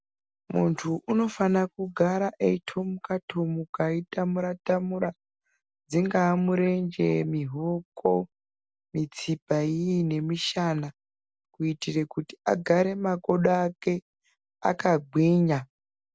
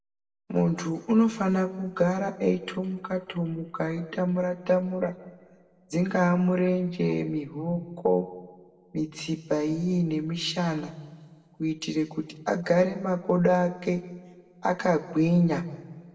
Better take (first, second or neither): first